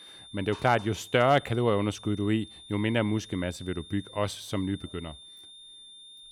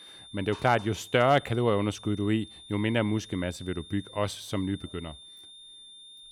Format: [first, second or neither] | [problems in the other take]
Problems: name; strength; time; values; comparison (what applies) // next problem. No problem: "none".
neither | high-pitched whine; noticeable; throughout; 3.5 kHz, 20 dB below the speech; the same in both